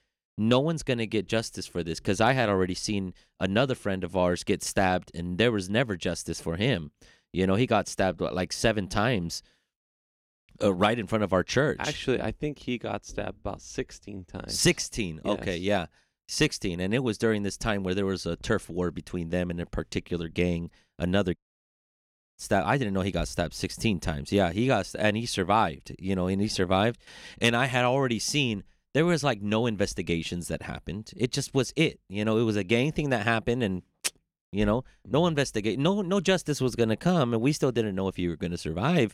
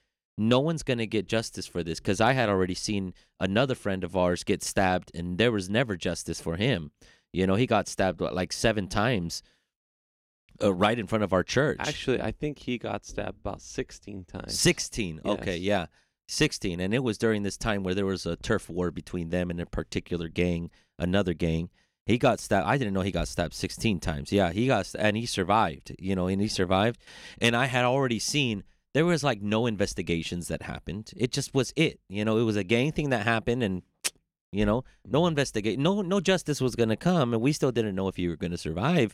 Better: second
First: audio cutting out; at 21 s for 1 s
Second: none

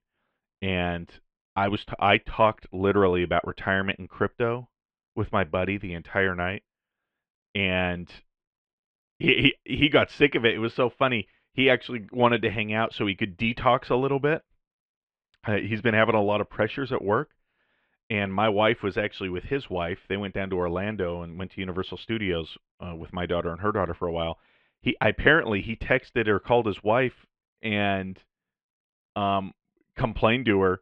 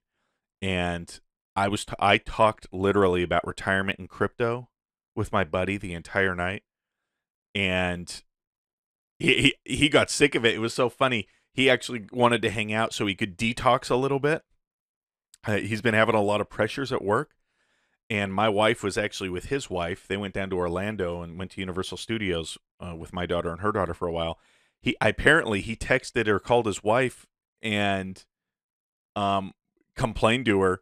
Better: second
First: muffled; very; fading above 3 kHz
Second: none

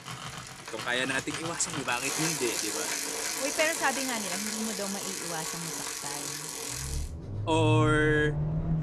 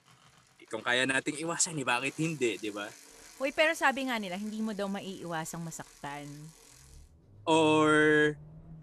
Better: second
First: traffic noise; loud; throughout; 2 dB below the speech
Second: traffic noise; faint; throughout; 25 dB below the speech

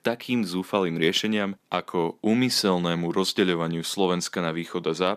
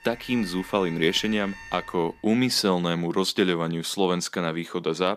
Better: first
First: none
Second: alarms or sirens; noticeable; until 1.5 s; 15 dB below the speech

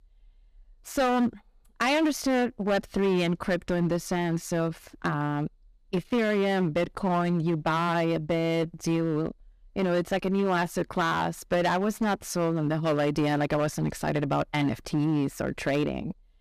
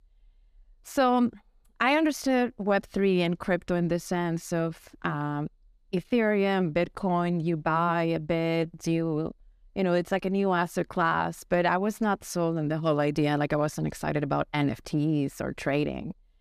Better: second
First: distortion; slight; 10% of the sound clipped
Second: none

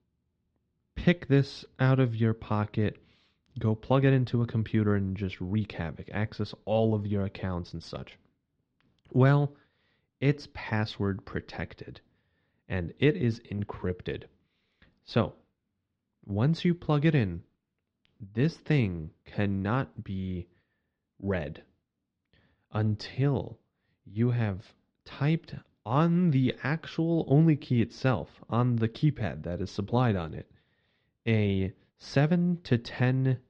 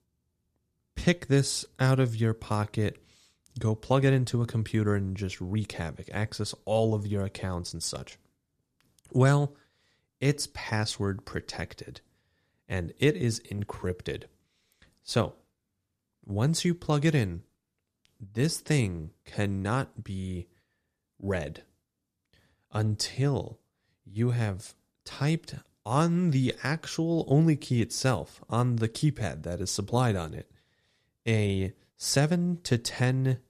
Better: second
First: muffled; slightly; fading above 4 kHz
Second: none

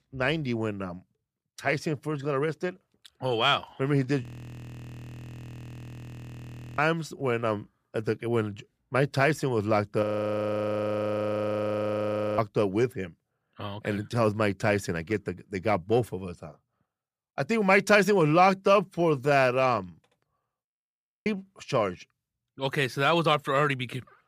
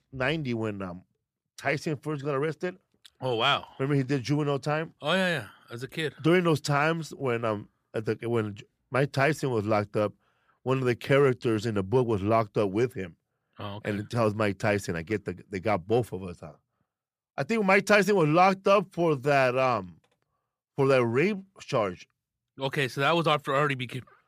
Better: second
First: audio freezing; at 4 s for 2.5 s, at 10 s for 2.5 s and at 21 s for 0.5 s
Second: none

